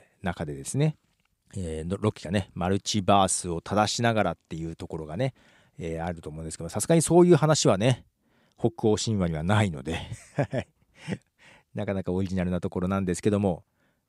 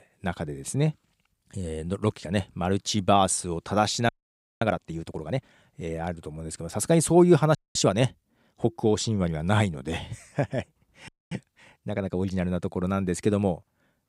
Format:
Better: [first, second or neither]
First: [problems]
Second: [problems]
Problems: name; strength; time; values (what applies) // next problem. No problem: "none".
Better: first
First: none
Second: audio freezing; at 4 s for 0.5 s, at 7.5 s and at 11 s